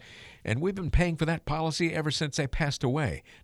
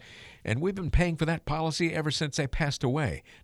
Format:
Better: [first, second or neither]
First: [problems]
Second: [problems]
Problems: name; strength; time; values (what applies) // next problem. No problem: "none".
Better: neither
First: none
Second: none